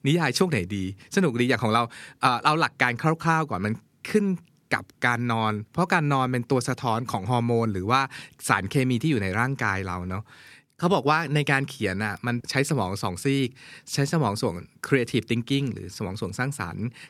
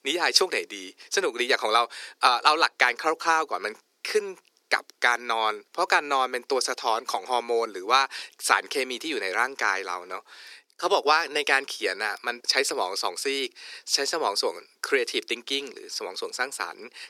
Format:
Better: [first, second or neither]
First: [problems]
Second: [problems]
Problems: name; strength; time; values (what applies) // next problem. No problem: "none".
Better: first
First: none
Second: thin; very; fading below 400 Hz